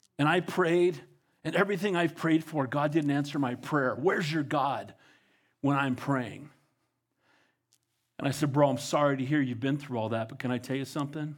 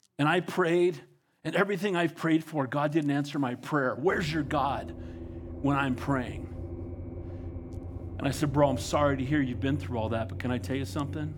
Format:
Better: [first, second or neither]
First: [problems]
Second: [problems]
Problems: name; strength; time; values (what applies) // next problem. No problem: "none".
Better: first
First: none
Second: low rumble; noticeable; from 4 s on; 20 dB below the speech